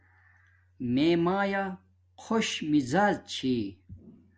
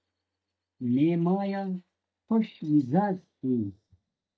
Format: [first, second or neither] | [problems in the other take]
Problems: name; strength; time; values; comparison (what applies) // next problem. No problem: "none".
first | noise reduction (neural mask model DeepFilterNet 3)